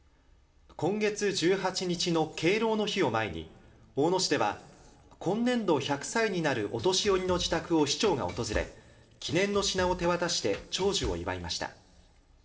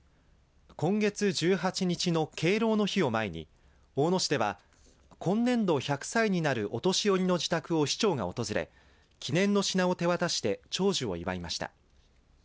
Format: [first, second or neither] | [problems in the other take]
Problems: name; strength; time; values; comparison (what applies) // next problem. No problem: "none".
second | background sound (Drum kit); 13 dB below the speech // room echo; dies away in 1.8 s